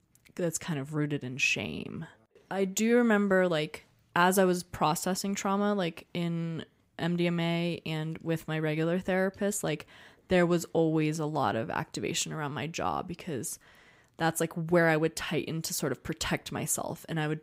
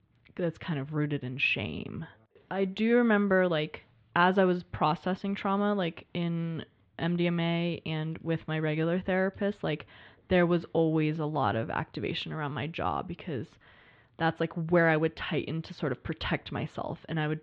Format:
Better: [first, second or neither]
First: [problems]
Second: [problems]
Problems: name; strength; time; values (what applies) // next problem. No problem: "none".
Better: first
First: none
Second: muffled; very; fading above 3.5 kHz